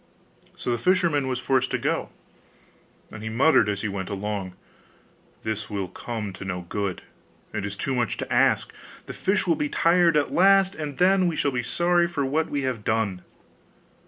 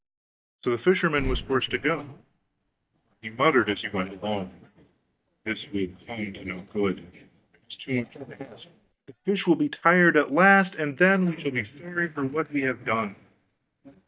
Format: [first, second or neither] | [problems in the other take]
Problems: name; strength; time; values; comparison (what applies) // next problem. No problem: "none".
first | noise reduction (neural mask model DeepFilterNet 3)